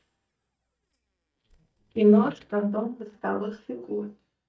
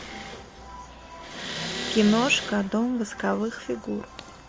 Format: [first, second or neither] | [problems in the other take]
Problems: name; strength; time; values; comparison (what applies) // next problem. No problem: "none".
second | noise reduction (neural mask model DeepFilterNet 3)